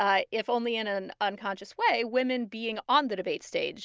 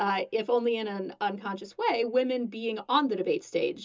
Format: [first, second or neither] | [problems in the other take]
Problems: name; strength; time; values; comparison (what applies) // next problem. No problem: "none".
first | room echo; dies away in 0.2 s